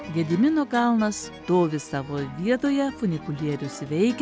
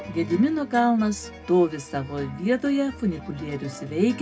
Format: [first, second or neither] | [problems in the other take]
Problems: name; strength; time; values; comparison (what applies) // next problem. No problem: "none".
first | room echo; dies away in 0.2 s